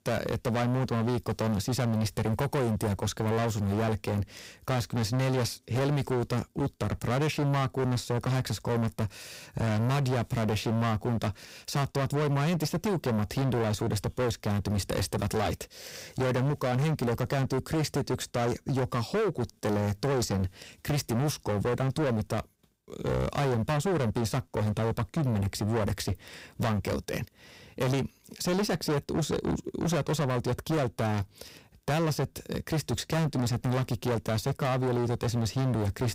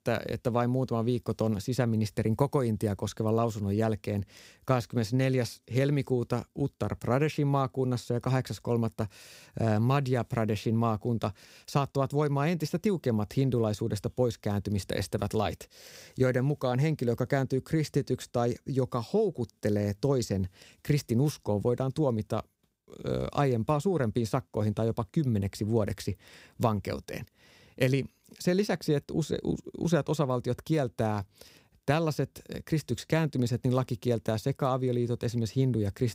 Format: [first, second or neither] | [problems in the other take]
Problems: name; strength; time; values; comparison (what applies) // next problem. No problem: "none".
second | distortion; heavy; 28% of the sound clipped